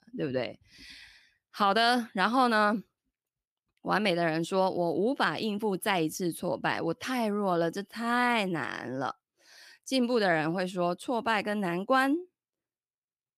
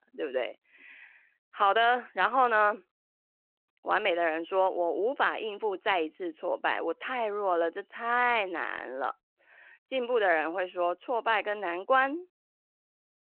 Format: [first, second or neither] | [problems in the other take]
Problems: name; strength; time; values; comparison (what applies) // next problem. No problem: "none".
first | phone-call audio